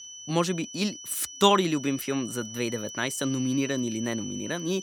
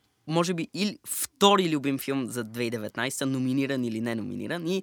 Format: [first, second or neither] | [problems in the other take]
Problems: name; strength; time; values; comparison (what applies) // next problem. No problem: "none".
second | high-pitched whine; noticeable; throughout; 6 kHz, 10 dB below the speech